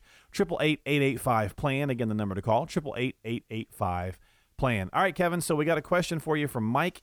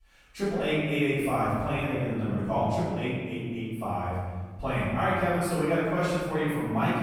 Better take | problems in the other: first | off-mic speech; far // room echo; strong; dies away in 1.5 s

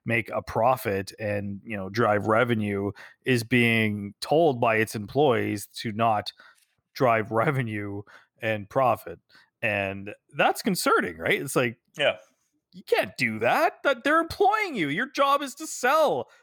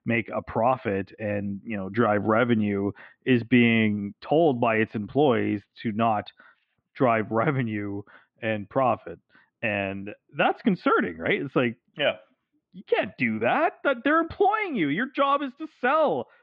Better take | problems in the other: first | muffled; very; fading above 3 kHz

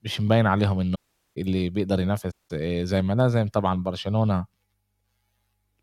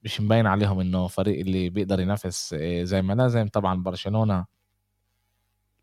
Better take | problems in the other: second | audio cutting out; at 1 s and at 2.5 s

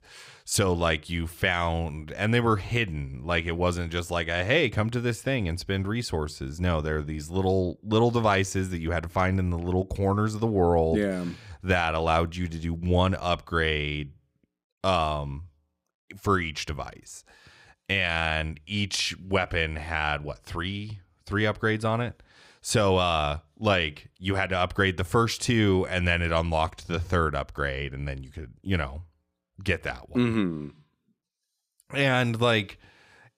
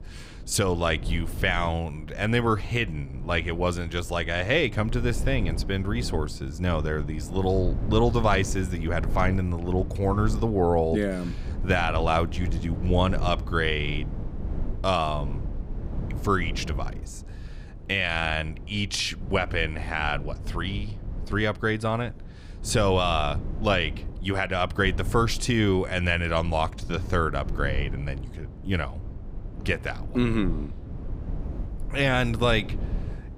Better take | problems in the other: first | low rumble; noticeable; throughout; 20 dB below the speech

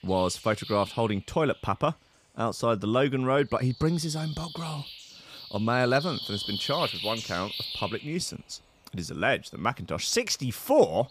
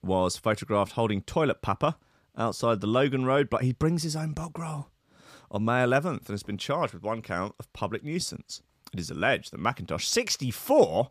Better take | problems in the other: second | animal sounds; loud; throughout; 8 dB below the speech

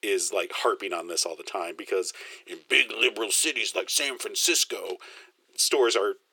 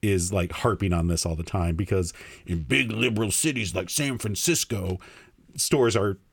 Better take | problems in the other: second | thin; very; fading below 400 Hz

